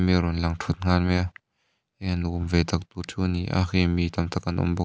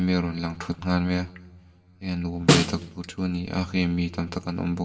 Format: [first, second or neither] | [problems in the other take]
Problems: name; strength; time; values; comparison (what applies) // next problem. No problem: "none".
first | background sound (Snare drum); 3 dB above the speech // room echo; dies away in 1.7 s